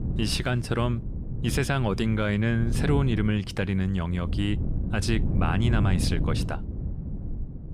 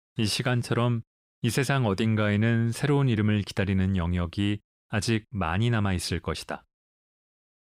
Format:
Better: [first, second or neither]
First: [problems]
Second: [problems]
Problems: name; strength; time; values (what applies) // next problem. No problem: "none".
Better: second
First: wind noise on the microphone; occasional gusts; 10 dB below the speech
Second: none